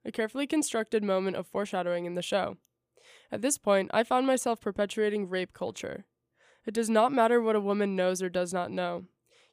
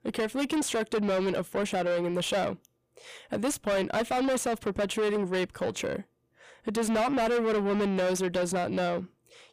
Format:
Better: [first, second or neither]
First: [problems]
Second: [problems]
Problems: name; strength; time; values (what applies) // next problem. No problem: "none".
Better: first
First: none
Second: distortion; heavy; 6 dB below the speech